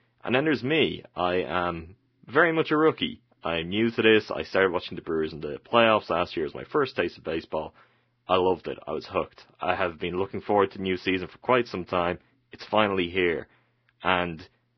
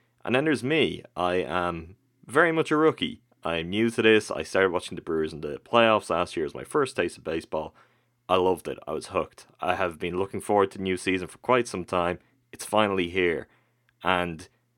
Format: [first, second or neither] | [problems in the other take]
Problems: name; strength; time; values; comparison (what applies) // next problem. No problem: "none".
second | garbled, watery; badly; nothing above 5.5 kHz